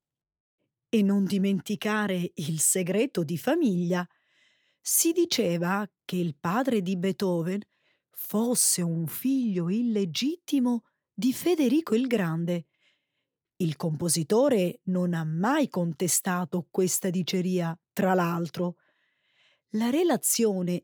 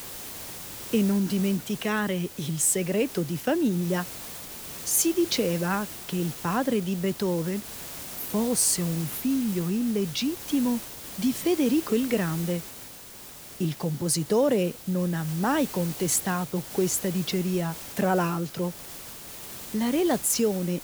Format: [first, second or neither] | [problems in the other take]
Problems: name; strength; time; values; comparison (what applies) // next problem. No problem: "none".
first | hiss; noticeable; throughout; 10 dB below the speech